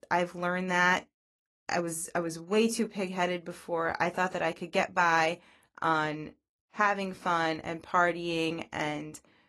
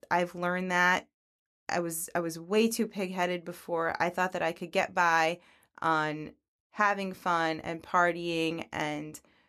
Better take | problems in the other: second | garbled, watery; slightly; nothing above 11.5 kHz

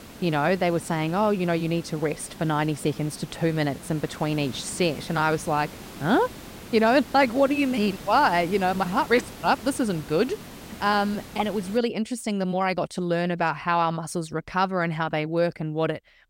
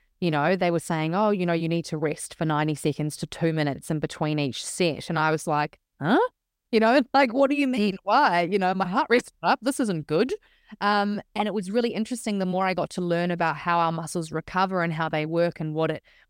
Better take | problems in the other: second | hiss; noticeable; until 12 s; 15 dB below the speech

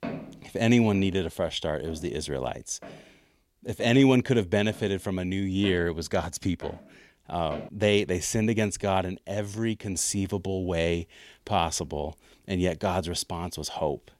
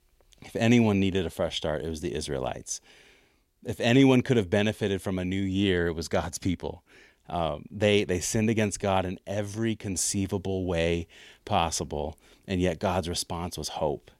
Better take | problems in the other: second | footsteps; noticeable; until 7.5 s; peak 9 dB below the speech

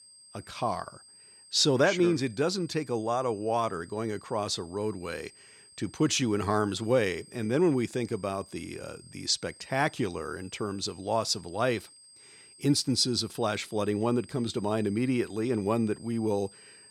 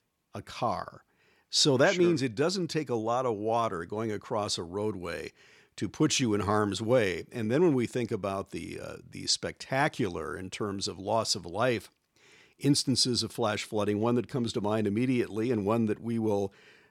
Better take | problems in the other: second | high-pitched whine; faint; throughout; 8.5 kHz, 20 dB below the speech

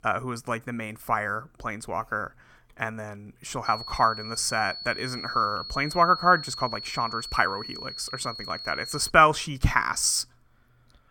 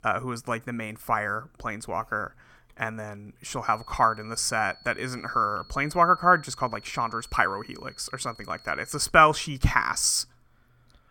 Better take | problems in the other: second | high-pitched whine; loud; from 3.5 to 9 s; 4.5 kHz, 10 dB below the speech; faint in the second

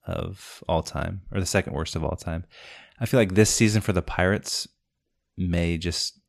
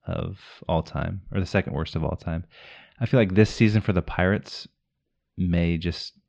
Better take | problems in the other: first | muffled; slightly; fading above 4 kHz

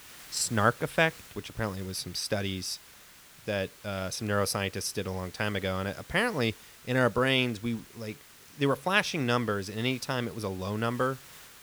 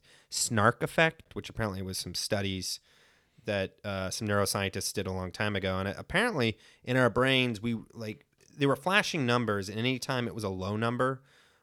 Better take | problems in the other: second | hiss; noticeable; throughout; 20 dB below the speech

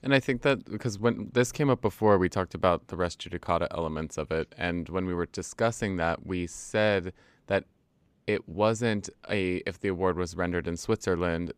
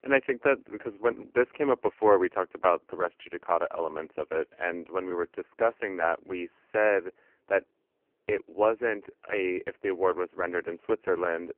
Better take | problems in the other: first | phone-call audio; poor line

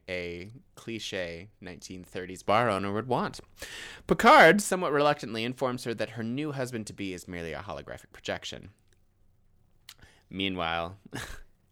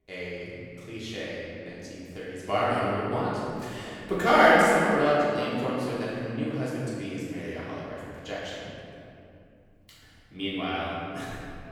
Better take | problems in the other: first | off-mic speech; far // room echo; strong; dies away in 2.5 s

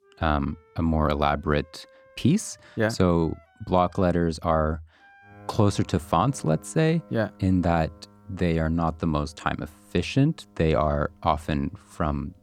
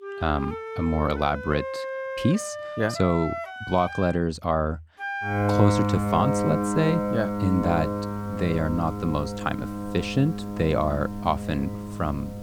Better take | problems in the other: first | background music; loud; throughout; 3 dB below the speech; faint in the first

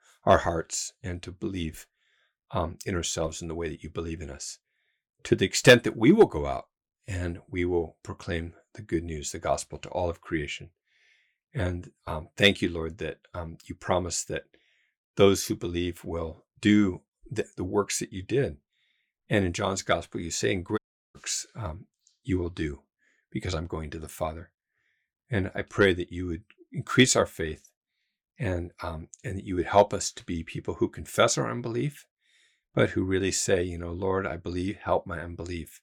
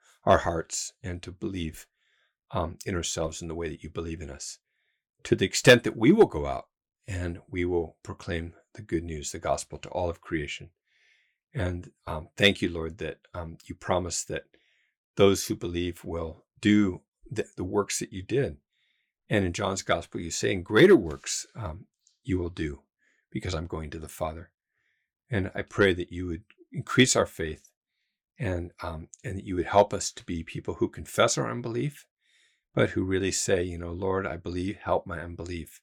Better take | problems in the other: second | audio cutting out; at 21 s

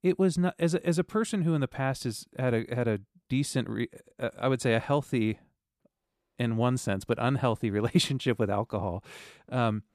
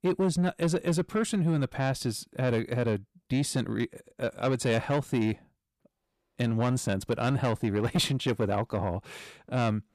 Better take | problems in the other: first | distortion; slight; 10 dB below the speech

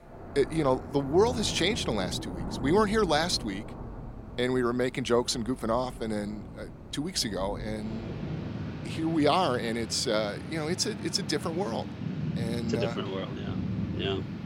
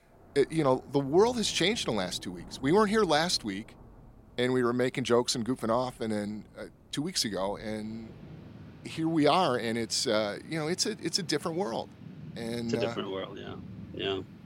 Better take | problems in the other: second | rain or running water; loud; throughout; 9 dB below the speech; faint in the second

